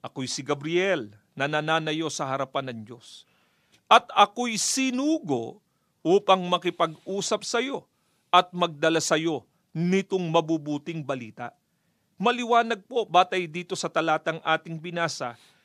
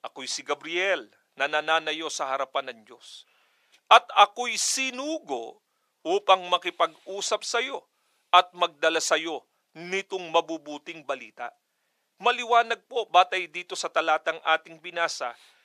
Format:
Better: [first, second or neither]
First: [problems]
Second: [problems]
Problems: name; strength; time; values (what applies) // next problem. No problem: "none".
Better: first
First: none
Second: thin; very; fading below 600 Hz